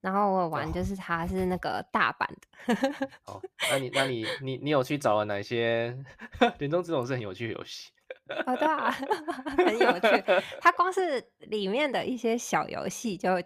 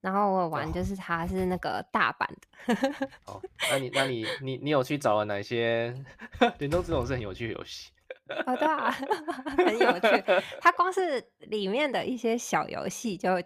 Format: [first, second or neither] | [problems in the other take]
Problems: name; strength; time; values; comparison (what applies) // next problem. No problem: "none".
first | door banging; noticeable; at 6.5 s; peak 9 dB below the speech